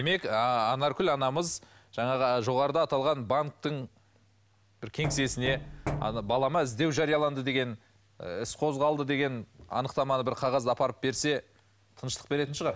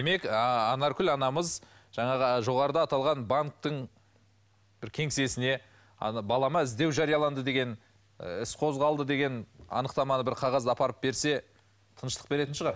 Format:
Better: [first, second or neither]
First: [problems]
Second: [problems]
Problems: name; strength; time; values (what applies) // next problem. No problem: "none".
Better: second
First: background sound (Knock); 8 dB below the speech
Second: none